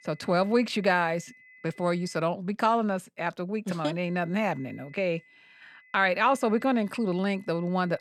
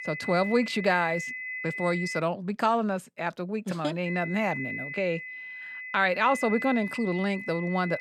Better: first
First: high-pitched whine; faint; until 2 s and from 4 s on; 2 kHz, 25 dB below the speech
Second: high-pitched whine; loud; until 2 s and from 4 s on; 2 kHz, 7 dB below the speech

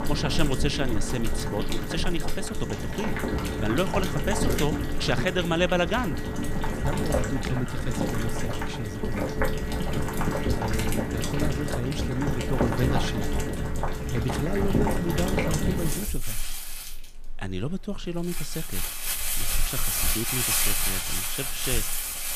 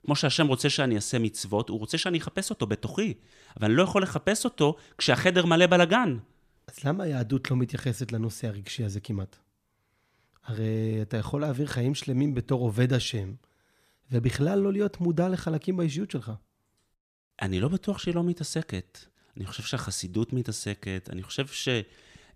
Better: second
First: household noises; very loud; throughout; 2 dB above the speech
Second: none

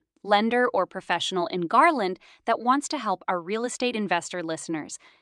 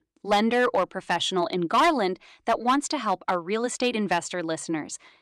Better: first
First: none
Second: distortion; slight; 3% of the sound clipped

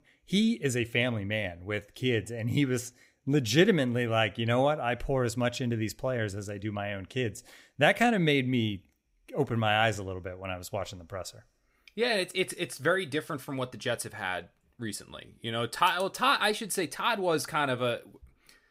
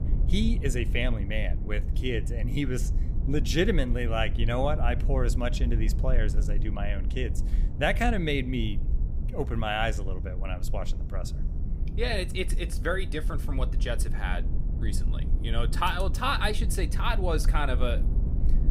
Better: first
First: none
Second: low rumble; noticeable; throughout; 15 dB below the speech

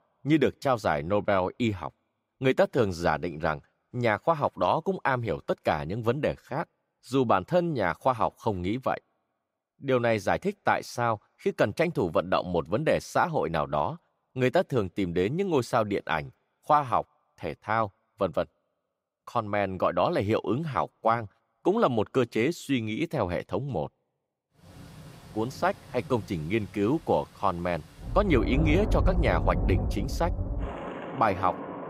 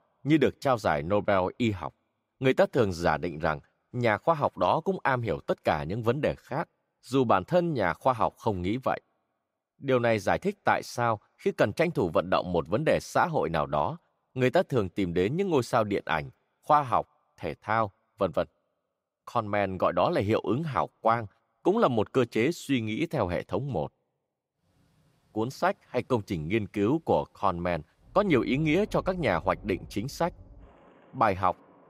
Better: second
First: rain or running water; loud; from 25 s on; 4 dB below the speech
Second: rain or running water; faint; from 25 s on; 25 dB below the speech

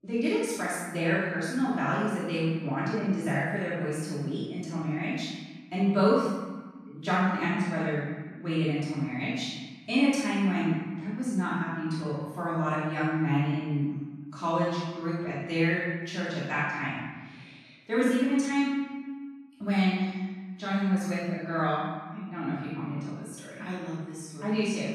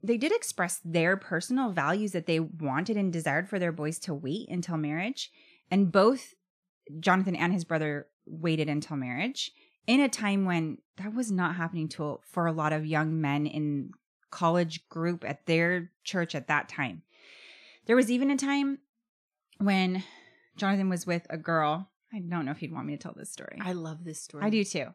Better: second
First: off-mic speech; far // room echo; strong; dies away in 1.3 s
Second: none

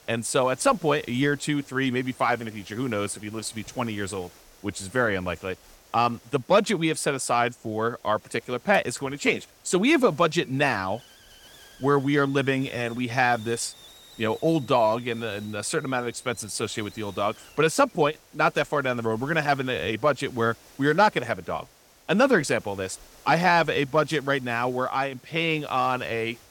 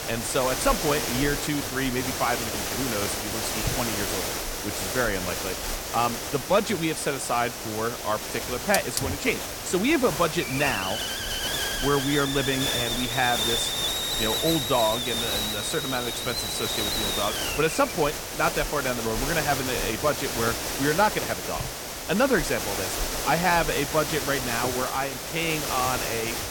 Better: first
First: hiss; faint; throughout; 25 dB below the speech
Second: hiss; loud; throughout; 1 dB below the speech

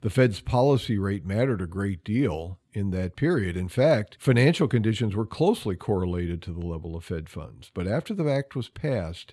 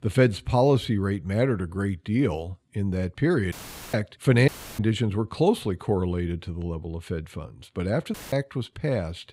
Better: first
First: none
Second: audio cutting out; filled with static; at 3.5 s, at 4.5 s and at 8 s

